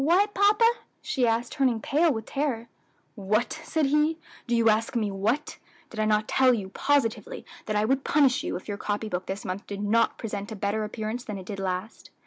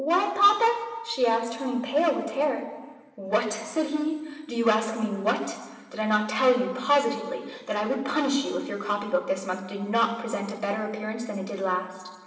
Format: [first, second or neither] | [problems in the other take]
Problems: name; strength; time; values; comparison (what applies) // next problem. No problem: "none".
first | room echo; dies away in 1.4 s